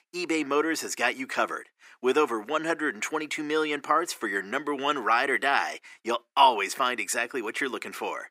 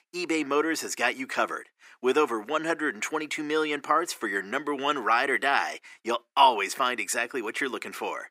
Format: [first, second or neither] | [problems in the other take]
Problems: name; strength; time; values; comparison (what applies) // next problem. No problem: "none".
neither | thin; somewhat; fading below 350 Hz; the same in both